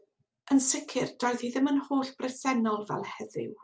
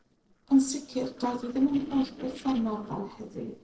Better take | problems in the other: first | noise reduction (neural separator model SepFormer DNS4)

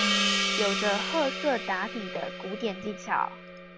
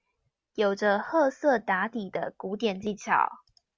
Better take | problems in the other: second | background sound (Gong); as loud as the speech

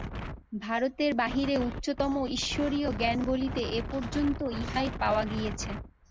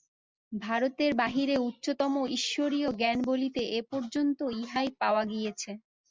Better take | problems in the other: second | background sound (Wind); 8 dB below the speech

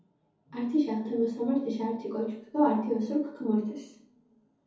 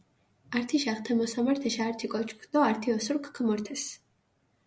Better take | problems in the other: second | room echo; dies away in 0.6 s

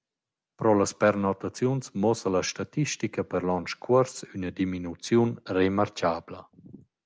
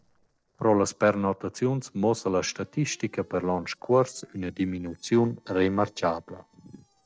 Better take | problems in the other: first | noise reduction (neural separator model SepFormer DNS4)

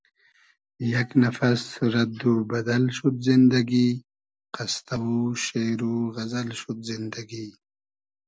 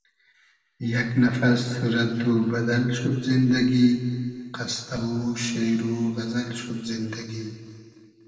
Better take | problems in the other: first | room echo; dies away in 2.3 s

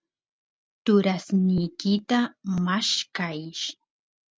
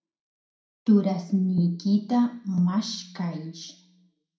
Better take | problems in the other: first | room echo; dies away in 0.5 s

